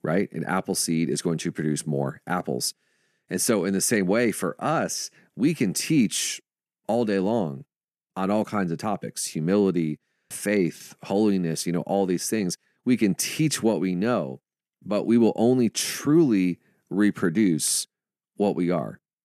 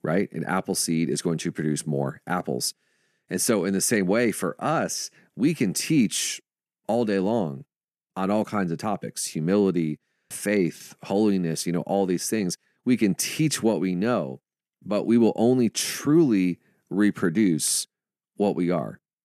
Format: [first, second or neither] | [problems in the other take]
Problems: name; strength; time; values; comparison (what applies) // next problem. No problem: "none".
neither | none